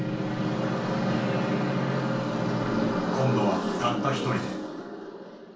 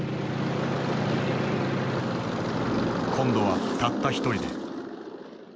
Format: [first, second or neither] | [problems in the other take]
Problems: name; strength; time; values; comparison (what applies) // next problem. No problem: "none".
second | background sound (Wind instrument, woodwind instrument); 15 dB below the speech // room echo; dies away in 0.3 s